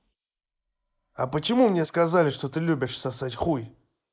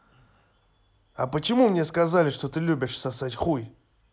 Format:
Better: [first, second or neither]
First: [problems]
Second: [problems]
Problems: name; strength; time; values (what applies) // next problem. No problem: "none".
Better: second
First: noise reduction (neural mask model Resemble Enhance denoiser)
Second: none